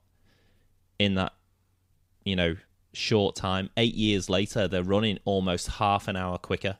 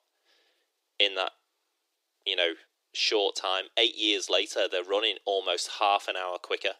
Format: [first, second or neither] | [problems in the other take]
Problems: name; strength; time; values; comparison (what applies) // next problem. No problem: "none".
first | thin; very; fading below 300 Hz